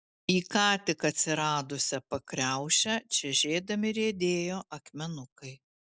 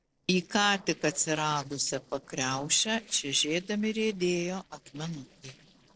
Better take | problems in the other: first | noise reduction (neural separator model SepFormer DNS4)

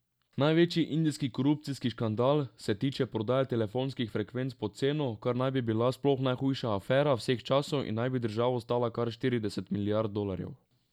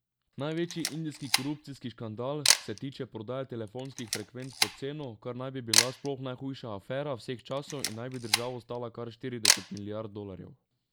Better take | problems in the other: first | background sound (Camera); 3 dB above the speech

